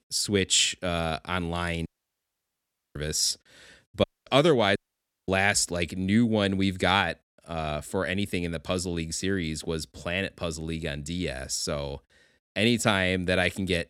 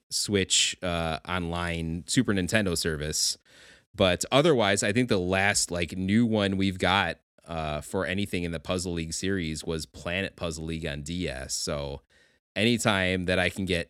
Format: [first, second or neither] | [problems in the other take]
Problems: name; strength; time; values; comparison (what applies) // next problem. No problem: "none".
second | audio cutting out; at 2 s for 1 s, at 4 s and at 5 s for 0.5 s